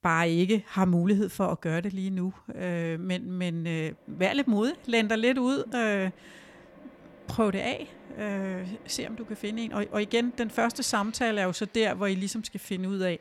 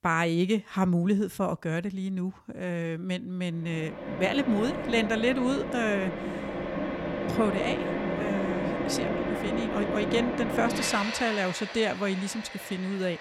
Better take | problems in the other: first | machinery noise; loud; from 4 s on; 3 dB below the speech; faint in the first

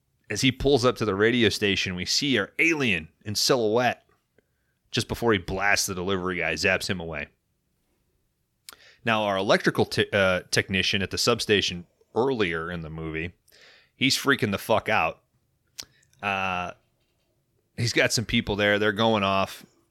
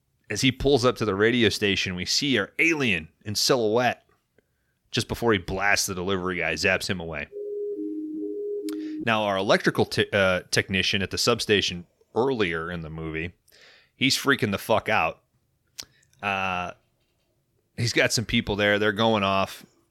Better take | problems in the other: first | siren; noticeable; from 7.5 to 9 s; peak 8 dB below the speech

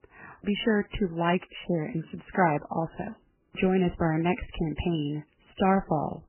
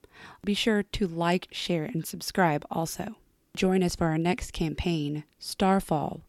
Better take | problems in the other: second | garbled, watery; badly; nothing above 3 kHz

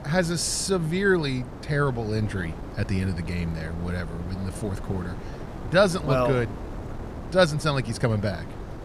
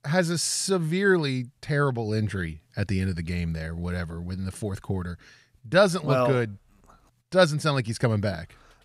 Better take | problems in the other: second | wind noise on the microphone; occasional gusts; 15 dB below the speech

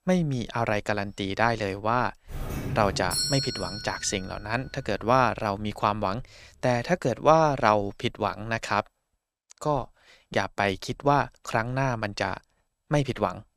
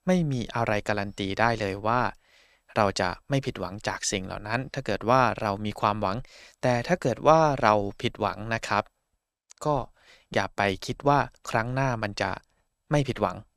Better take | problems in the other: second | doorbell; loud; from 2.5 to 5.5 s; peak 1 dB above the speech

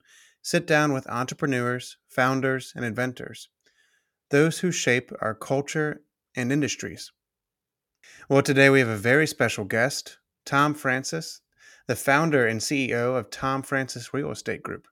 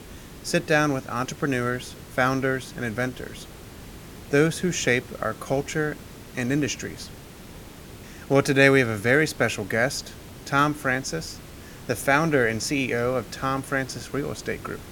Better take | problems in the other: first | hiss; noticeable; throughout; 20 dB below the speech

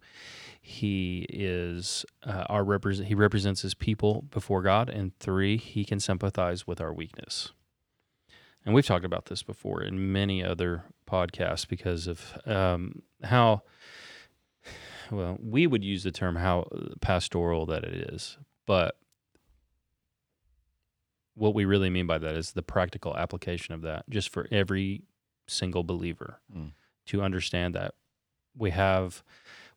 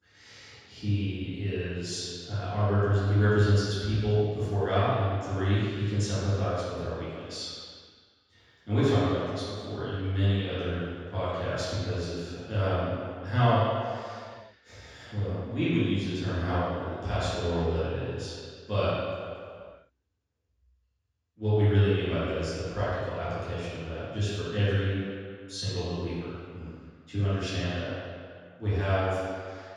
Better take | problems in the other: first | room echo; strong; dies away in 1.9 s // off-mic speech; far

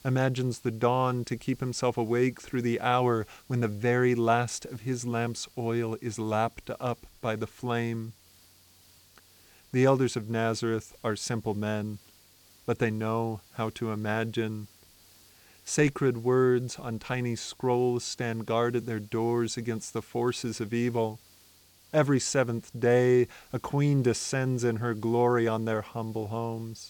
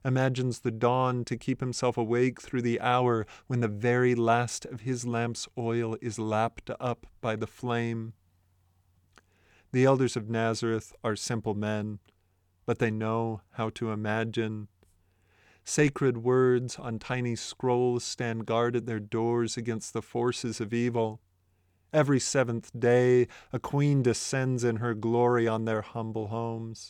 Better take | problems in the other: second | hiss; faint; throughout; 25 dB below the speech

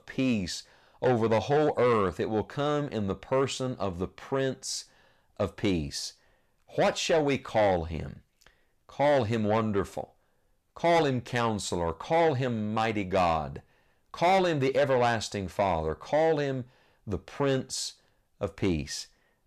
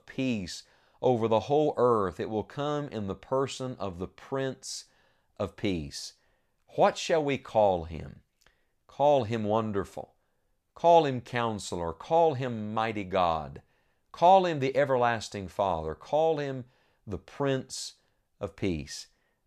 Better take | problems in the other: second | distortion; heavy; 8 dB below the speech

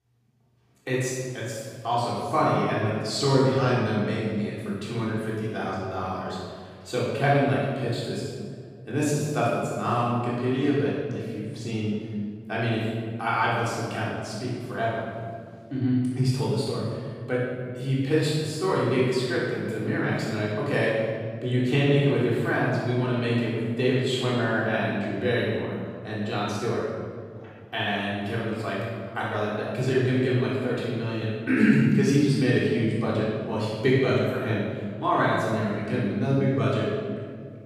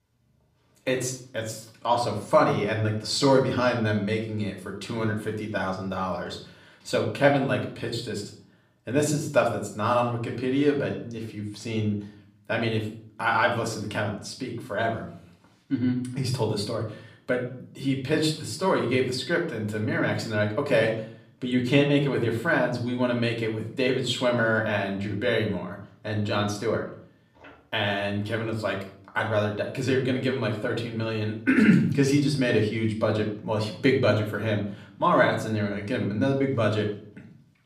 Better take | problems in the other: second | room echo; strong; dies away in 1.9 s; slight in the second // off-mic speech; far; somewhat distant in the second

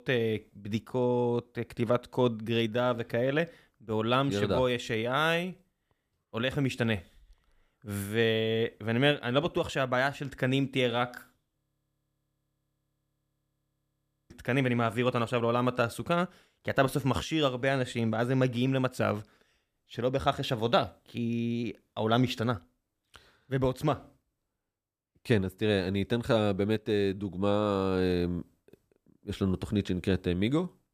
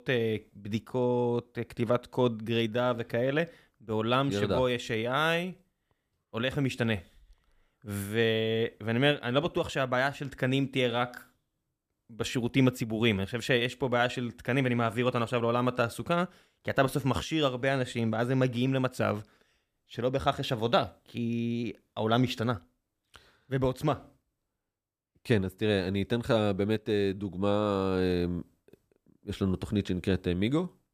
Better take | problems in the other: second | audio freezing; at 12 s for 2.5 s

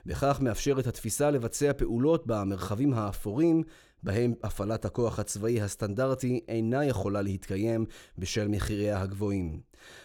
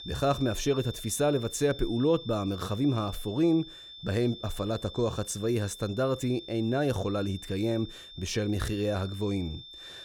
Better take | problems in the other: first | high-pitched whine; noticeable; throughout; 3.5 kHz, 15 dB below the speech

